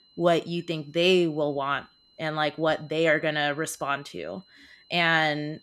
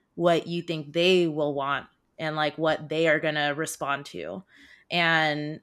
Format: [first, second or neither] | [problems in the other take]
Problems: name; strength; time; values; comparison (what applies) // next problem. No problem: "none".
second | high-pitched whine; faint; throughout; 4 kHz, 30 dB below the speech